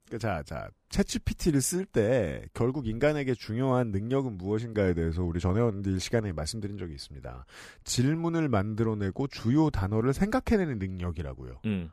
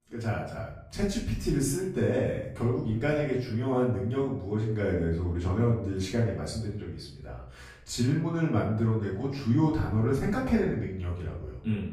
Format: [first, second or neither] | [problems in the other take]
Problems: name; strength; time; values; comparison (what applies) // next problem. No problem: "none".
first | off-mic speech; far // room echo; noticeable; dies away in 0.6 s